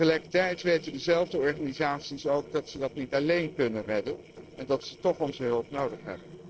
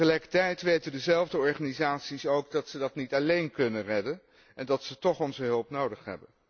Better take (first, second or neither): second